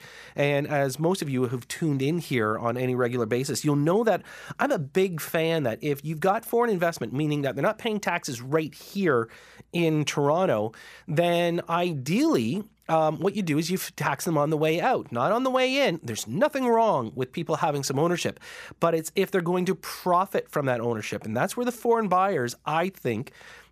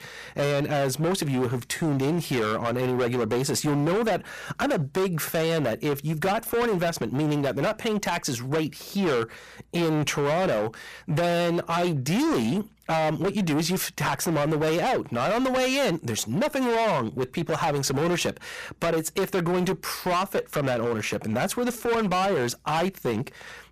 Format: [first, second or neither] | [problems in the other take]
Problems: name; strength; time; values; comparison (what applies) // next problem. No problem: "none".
first | distortion; heavy; 23% of the sound clipped